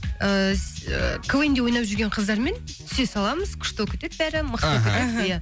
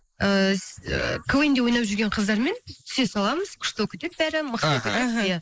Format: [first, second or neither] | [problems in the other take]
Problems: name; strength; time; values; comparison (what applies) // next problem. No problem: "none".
first | noise reduction (neural mask model Resemble Enhance denoiser)